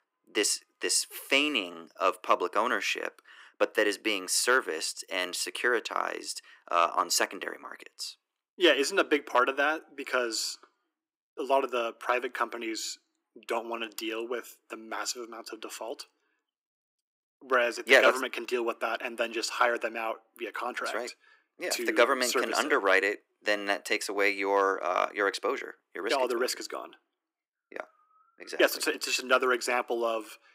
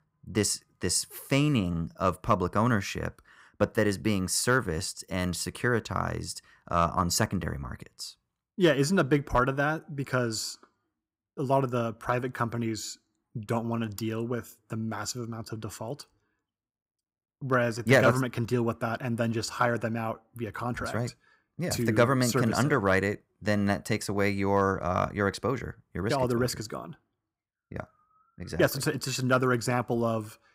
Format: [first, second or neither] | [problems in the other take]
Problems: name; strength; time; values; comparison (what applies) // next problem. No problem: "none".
second | thin; very; fading below 300 Hz